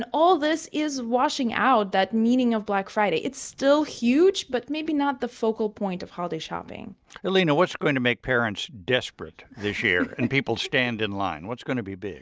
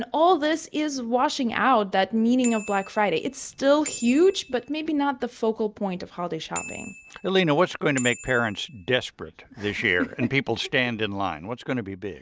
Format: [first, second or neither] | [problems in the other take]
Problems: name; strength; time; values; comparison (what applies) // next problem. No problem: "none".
first | background sound (Bicycle bell); 16 dB below the speech